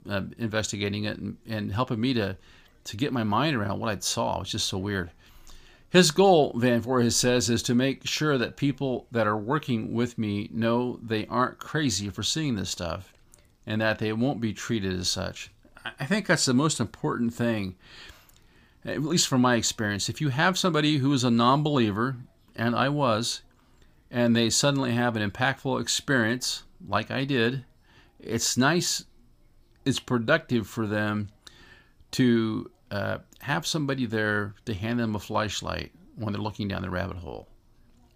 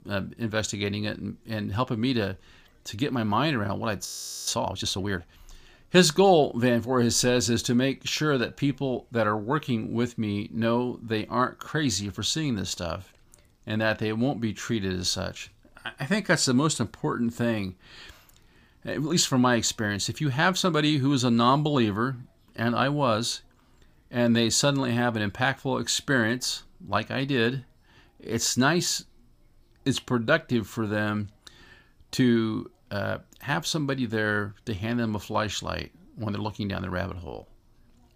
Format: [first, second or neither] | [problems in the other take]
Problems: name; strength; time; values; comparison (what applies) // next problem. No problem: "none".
first | audio freezing; at 4 s